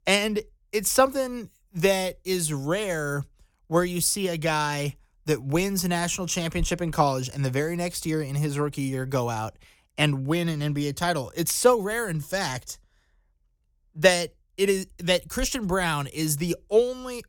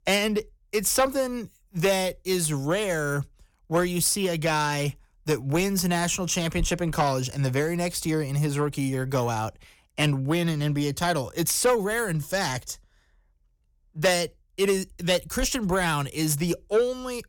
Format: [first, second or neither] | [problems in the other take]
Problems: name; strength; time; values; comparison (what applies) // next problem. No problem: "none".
first | distortion; slight; 10 dB below the speech